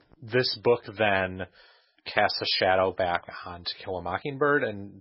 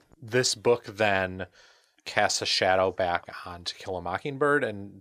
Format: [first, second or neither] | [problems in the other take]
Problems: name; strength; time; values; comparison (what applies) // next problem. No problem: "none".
second | garbled, watery; badly; nothing above 5.5 kHz